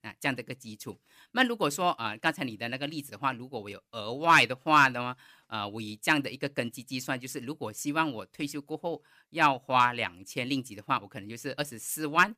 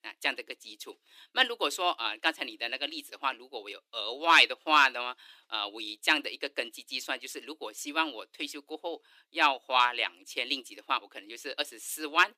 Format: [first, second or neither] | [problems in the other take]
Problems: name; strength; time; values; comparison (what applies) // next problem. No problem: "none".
first | thin; somewhat; fading below 350 Hz